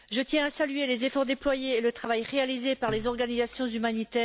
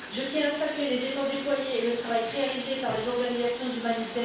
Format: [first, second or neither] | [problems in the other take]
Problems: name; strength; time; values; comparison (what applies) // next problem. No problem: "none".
first | background sound (Bathtub (filling or washing)); 12 dB below the speech // room echo; dies away in 0.7 s